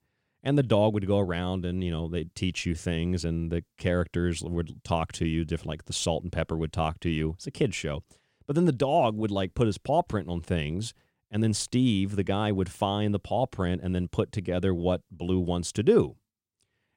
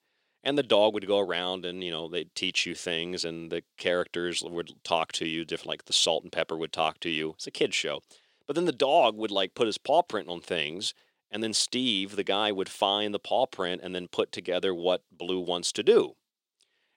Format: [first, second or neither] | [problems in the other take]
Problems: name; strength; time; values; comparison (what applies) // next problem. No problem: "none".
first | thin; somewhat; fading below 400 Hz